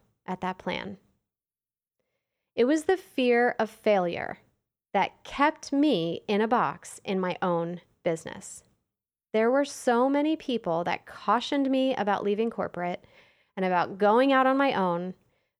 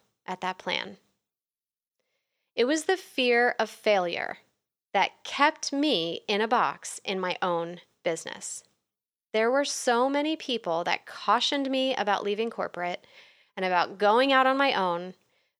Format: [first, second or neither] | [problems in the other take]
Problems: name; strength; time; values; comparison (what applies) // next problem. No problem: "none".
first | thin; very slightly; fading below 400 Hz